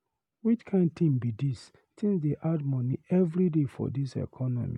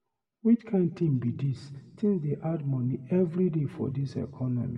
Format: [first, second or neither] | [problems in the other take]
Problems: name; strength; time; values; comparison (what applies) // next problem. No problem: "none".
first | room echo; dies away in 1.3 s